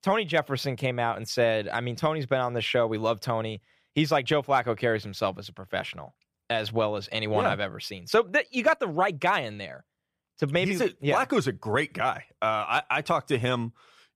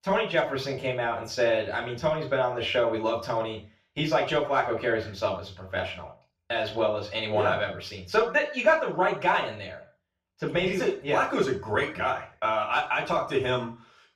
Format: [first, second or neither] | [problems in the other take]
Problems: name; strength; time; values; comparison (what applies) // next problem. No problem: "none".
first | room echo; slight; dies away in 0.4 s // off-mic speech; far